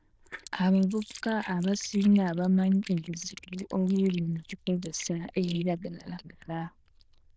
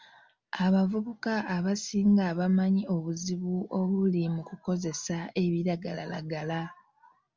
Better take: second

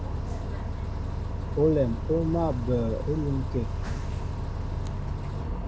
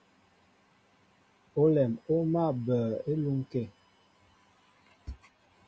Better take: second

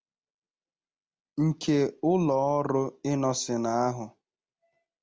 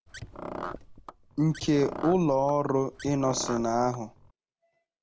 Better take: first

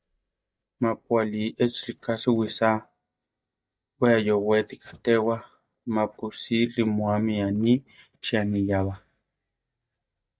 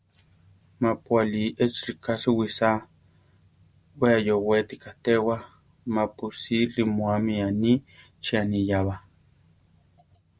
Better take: second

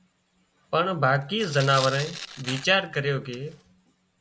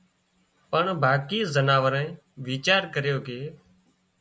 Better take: second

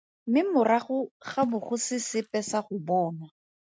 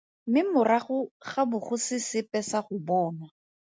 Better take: second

